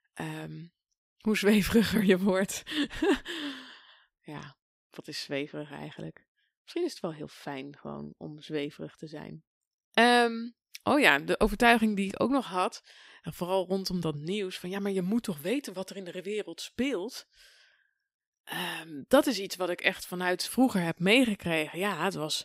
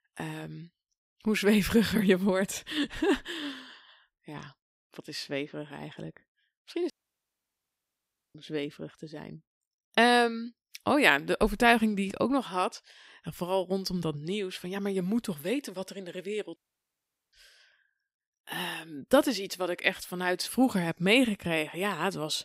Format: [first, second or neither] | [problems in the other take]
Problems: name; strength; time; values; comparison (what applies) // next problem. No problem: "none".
first | audio cutting out; at 7 s for 1.5 s and at 17 s for 1 s